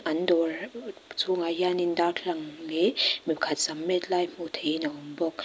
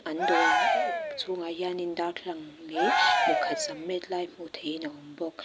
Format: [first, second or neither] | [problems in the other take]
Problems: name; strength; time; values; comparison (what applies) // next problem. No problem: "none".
first | background sound (Cheering); 4 dB above the speech